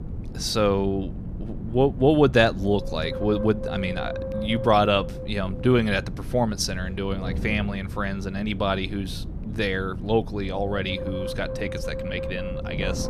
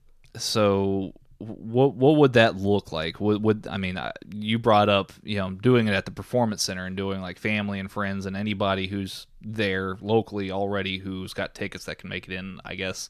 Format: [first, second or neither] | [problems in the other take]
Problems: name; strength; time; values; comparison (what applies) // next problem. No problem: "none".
second | wind noise on the microphone; occasional gusts; 10 dB below the speech